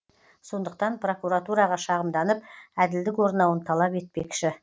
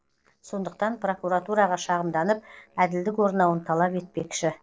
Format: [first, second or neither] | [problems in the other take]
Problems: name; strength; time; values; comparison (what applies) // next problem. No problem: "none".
first | noise reduction (neural separator model SepFormer DNS4)